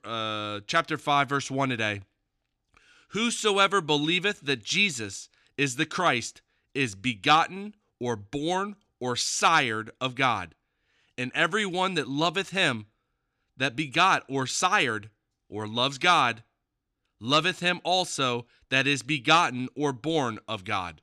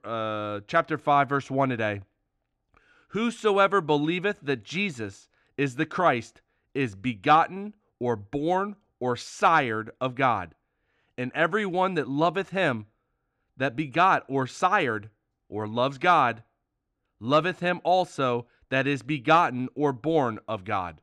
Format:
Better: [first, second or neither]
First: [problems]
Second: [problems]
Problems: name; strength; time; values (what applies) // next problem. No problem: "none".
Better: first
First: none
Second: muffled; slightly; fading above 2.5 kHz